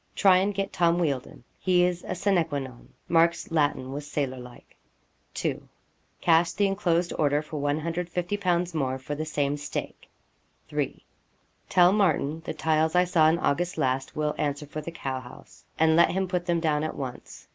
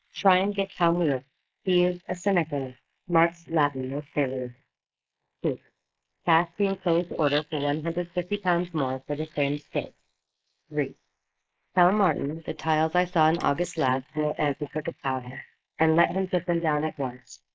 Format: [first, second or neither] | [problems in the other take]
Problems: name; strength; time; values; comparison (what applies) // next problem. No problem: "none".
first | noise reduction (neural mask model Resemble Enhance denoiser)